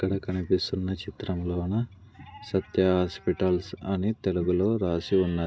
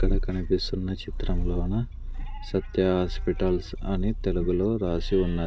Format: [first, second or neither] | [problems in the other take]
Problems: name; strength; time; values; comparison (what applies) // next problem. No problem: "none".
first | background sound (Purr); 2 dB below the speech